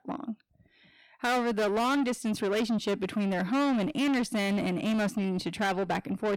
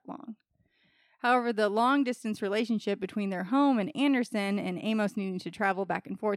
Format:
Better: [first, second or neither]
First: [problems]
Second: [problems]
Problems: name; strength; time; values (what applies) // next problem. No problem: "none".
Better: second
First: distortion; heavy; 7 dB below the speech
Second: none